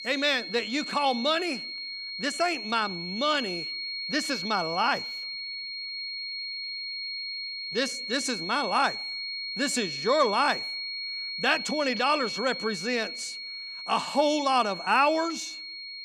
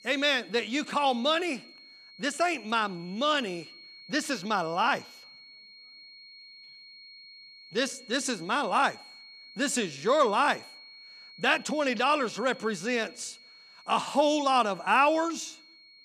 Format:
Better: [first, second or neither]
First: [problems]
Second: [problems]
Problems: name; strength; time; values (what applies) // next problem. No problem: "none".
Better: second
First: high-pitched whine; loud; throughout; 4.5 kHz, 6 dB below the speech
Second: high-pitched whine; faint; throughout; 4.5 kHz, 20 dB below the speech